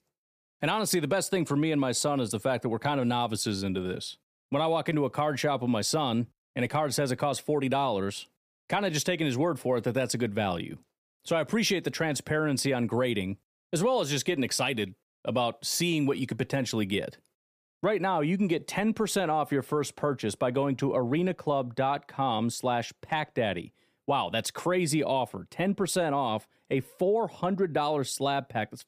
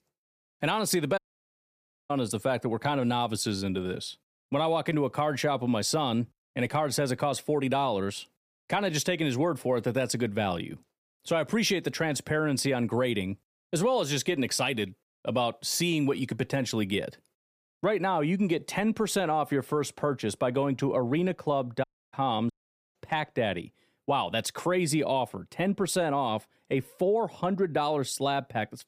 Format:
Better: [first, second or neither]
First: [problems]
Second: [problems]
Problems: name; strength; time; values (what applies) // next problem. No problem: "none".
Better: first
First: none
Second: audio cutting out; at 1 s for 1 s, at 22 s and at 23 s